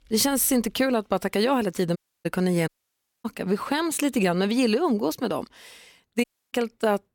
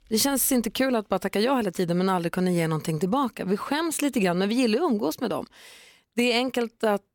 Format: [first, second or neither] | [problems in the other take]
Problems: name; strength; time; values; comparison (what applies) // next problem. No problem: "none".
second | audio cutting out; at 2 s, at 2.5 s for 0.5 s and at 6 s